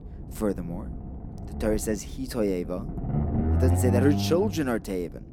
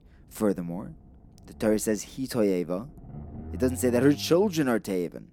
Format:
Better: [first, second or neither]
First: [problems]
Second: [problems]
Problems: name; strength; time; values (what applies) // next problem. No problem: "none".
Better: second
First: low rumble; loud; throughout; 8 dB below the speech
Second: low rumble; faint; throughout; 25 dB below the speech